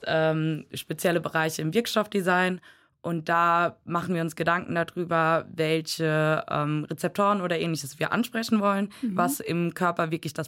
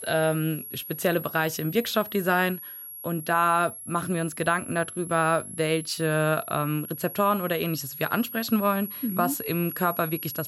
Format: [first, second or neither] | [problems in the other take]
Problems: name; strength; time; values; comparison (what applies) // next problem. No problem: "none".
first | high-pitched whine; loud; throughout; 11.5 kHz, 10 dB below the speech